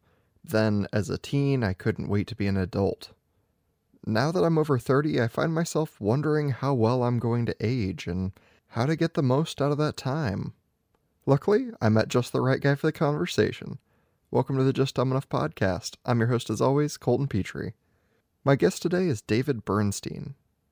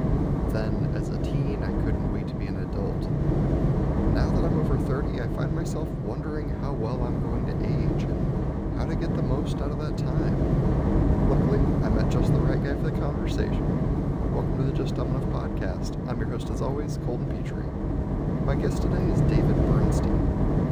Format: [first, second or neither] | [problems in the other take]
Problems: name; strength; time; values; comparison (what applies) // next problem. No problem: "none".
first | wind noise on the microphone; heavy; 4 dB above the speech